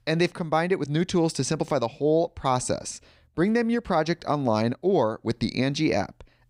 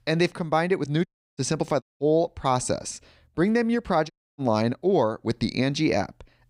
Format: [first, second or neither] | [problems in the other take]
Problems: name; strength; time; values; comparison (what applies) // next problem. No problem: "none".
first | audio cutting out; at 1 s, at 2 s and at 4 s